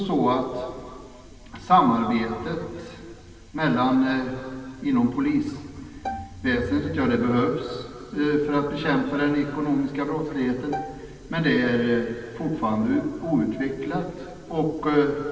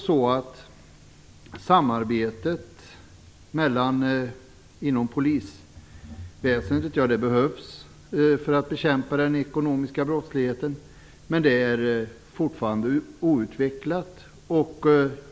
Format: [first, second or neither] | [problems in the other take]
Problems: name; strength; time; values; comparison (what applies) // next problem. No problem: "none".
second | background sound (Bowed string instrument); 12 dB below the speech // room echo; dies away in 2.3 s